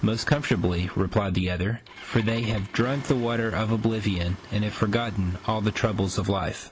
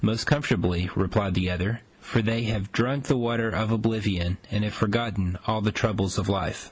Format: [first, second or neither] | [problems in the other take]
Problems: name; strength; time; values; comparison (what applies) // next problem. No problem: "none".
second | background sound (Engine starting); 20 dB below the speech